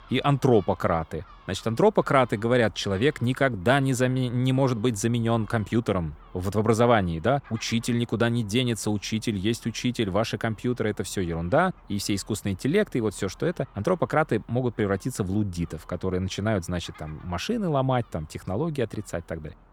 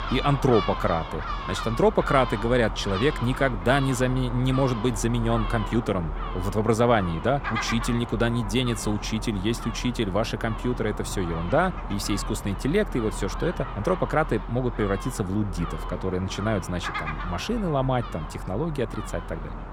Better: first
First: animal sounds; faint; throughout; 25 dB below the speech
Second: animal sounds; loud; throughout; 8 dB below the speech

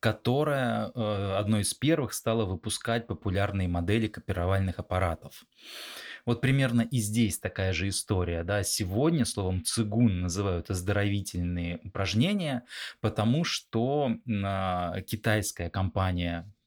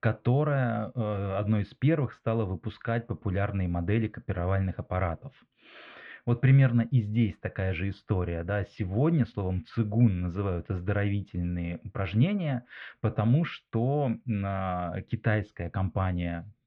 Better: first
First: none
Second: muffled; very; fading above 2.5 kHz

